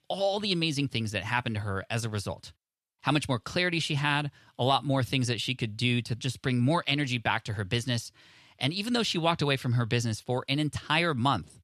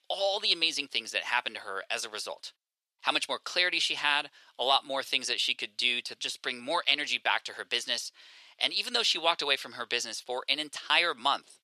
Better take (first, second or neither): first